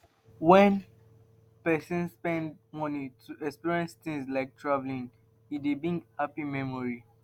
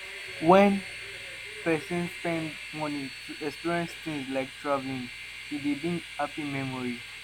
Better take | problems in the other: first | background sound (Train); 11 dB below the speech

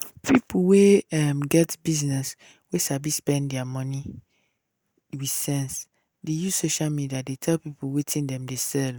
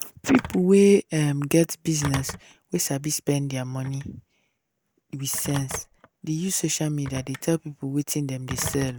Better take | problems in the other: first | background sound (Telephone); 16 dB below the speech

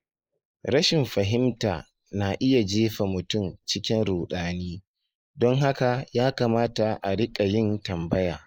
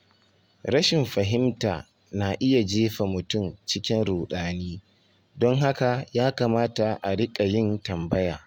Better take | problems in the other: second | noise reduction (neural mask model Resemble Enhance denoiser)

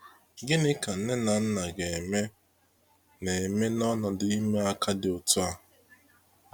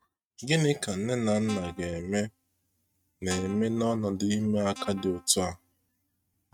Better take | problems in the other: first | noise reduction (neural mask model RNNoise)

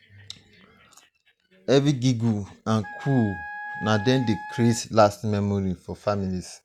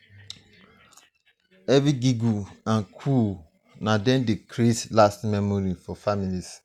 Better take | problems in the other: second | background sound (Wind instrument, woodwind instrument); 12 dB below the speech

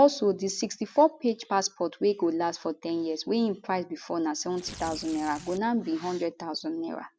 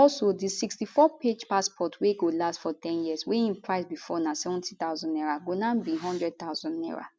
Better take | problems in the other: second | background sound (Tearing); 16 dB below the speech

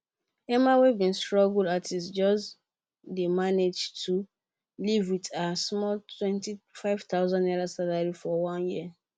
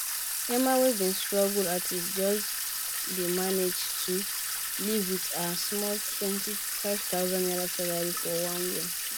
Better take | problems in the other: first | background sound (Sink (filling or washing) / Water tap, faucet); 1 dB below the speech

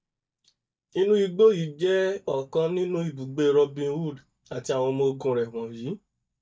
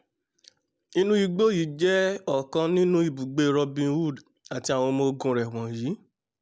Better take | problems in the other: second | noise reduction (neural mask model DeepFilterNet 3)

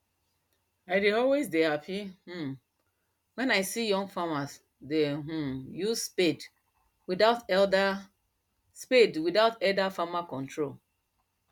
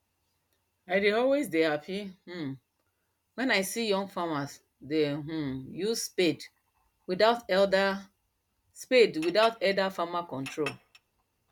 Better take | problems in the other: first | background sound (Chink, clink); 15 dB below the speech

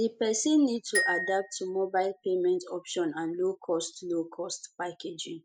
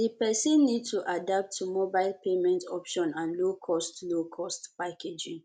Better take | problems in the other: second | noise reduction (classical method spectral subtraction)

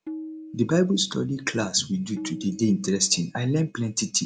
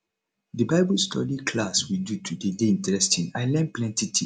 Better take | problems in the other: second | background sound (Tabla); 16 dB below the speech

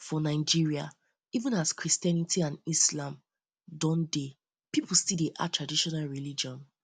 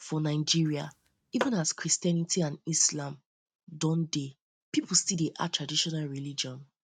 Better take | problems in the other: first | noise reduction (neural mask model RNNoise)

